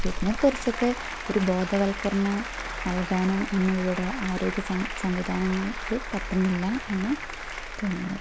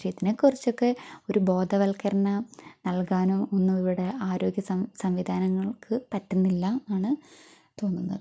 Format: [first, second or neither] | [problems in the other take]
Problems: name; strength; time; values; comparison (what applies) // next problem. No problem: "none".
second | background sound (Applause + Engine starting / Car); 6 dB below the speech